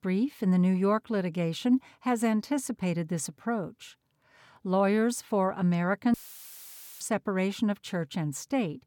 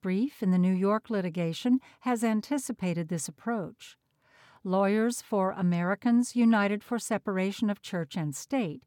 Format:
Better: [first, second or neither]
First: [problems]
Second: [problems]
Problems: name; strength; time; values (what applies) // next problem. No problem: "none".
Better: second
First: audio cutting out; filled with static; at 6 s for 1 s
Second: none